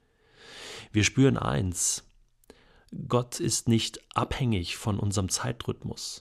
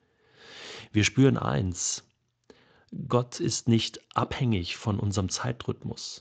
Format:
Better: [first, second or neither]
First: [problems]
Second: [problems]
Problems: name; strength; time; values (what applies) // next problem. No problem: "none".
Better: first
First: none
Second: garbled, watery; slightly; nothing above 7.5 kHz